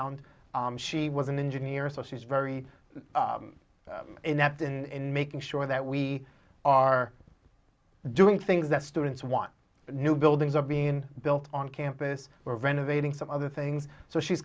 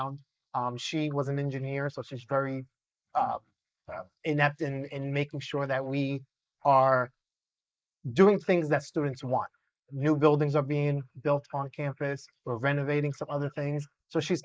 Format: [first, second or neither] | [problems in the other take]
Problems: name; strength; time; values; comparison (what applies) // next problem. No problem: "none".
first | noise reduction (neural mask model Resemble Enhance denoiser)